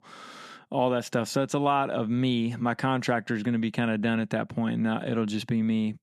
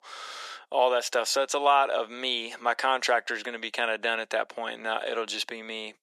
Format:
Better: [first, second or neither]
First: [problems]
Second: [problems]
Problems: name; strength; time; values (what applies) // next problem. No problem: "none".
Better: first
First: none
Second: thin; very; fading below 450 Hz